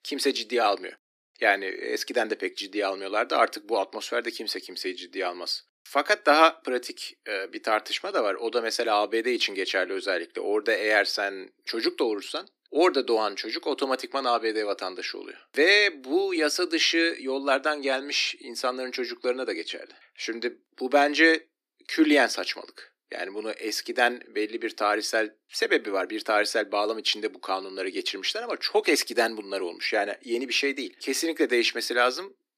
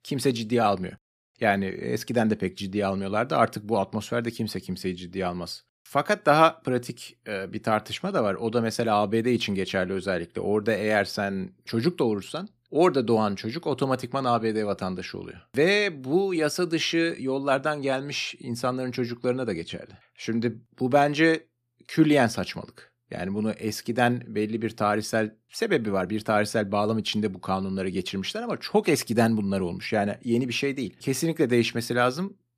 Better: second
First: thin; somewhat; fading below 300 Hz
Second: none

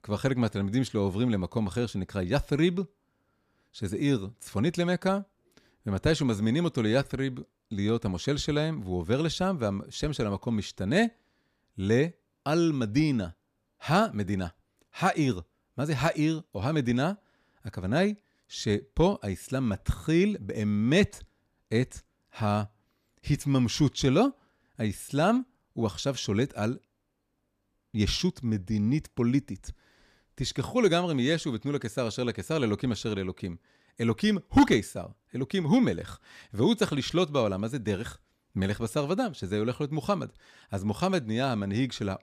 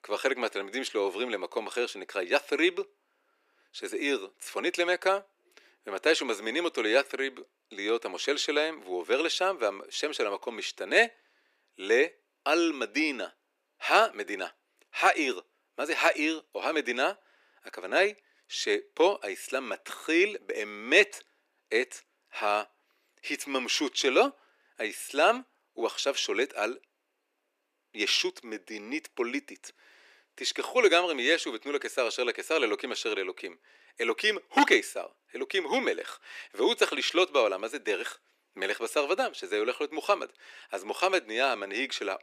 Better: first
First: none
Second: thin; very; fading below 350 Hz

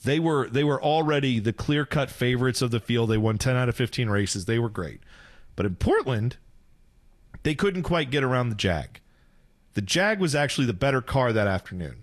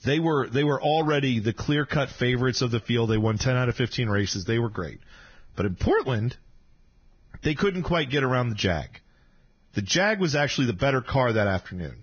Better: first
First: garbled, watery; slightly; nothing above 12.5 kHz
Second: garbled, watery; badly; nothing above 6.5 kHz

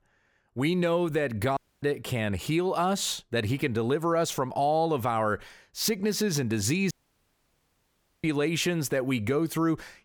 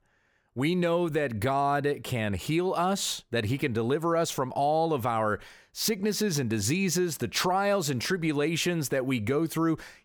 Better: second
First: audio cutting out; at 1.5 s and at 7 s for 1.5 s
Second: none

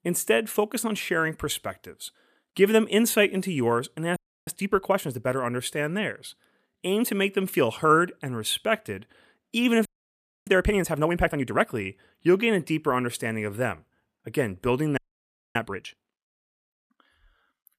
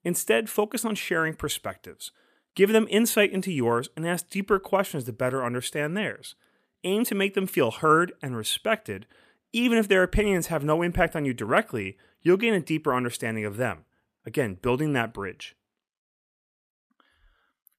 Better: second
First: audio freezing; at 4 s, at 10 s for 0.5 s and at 15 s for 0.5 s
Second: none

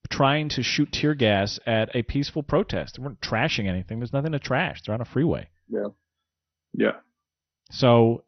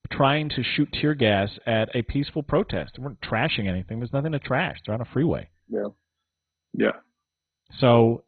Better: first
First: garbled, watery; slightly; nothing above 6 kHz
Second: garbled, watery; badly; nothing above 4 kHz

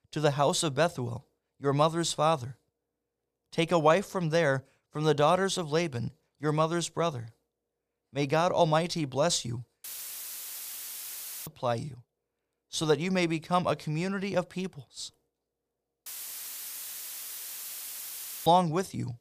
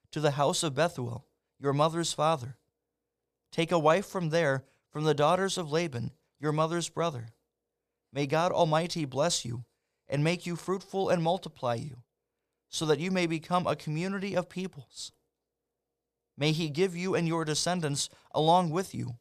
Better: second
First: audio cutting out; filled with static; at 10 s for 1.5 s and at 16 s for 2.5 s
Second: none

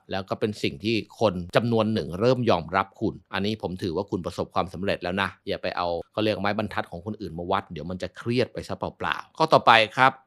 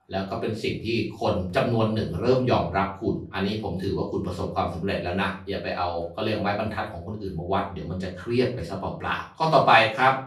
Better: first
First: none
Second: off-mic speech; far // room echo; slight; dies away in 0.4 s

